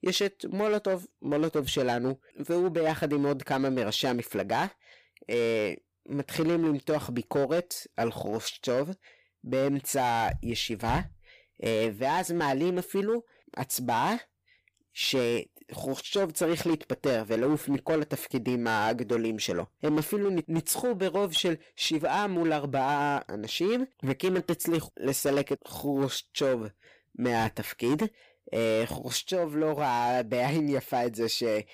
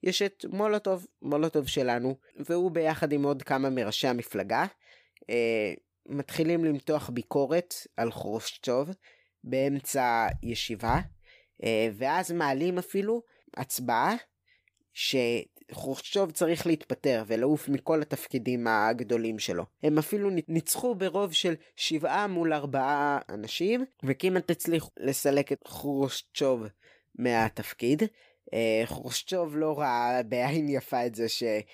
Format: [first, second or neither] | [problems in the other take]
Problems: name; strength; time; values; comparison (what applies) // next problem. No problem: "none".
second | distortion; slight; 8% of the sound clipped